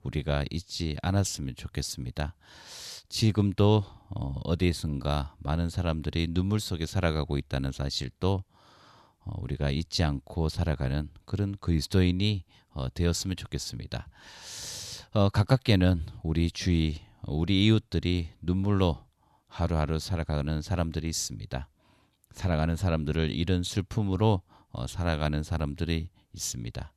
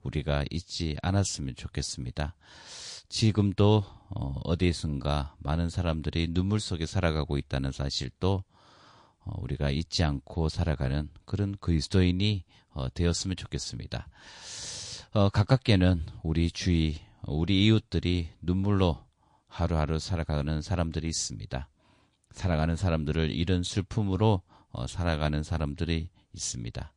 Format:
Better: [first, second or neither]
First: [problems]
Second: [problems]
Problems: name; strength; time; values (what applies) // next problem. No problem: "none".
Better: first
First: none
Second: garbled, watery; slightly